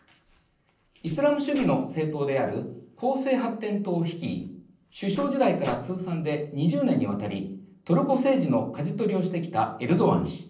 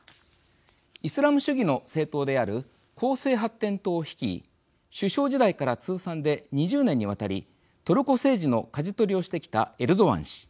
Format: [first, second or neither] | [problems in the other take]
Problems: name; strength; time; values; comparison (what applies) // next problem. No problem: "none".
second | noise reduction (neural separator model SepFormer DNS4)